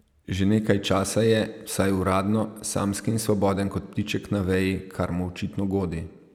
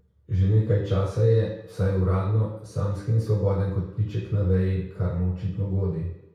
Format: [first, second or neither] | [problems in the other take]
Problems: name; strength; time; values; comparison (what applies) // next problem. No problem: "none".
first | room echo; dies away in 0.6 s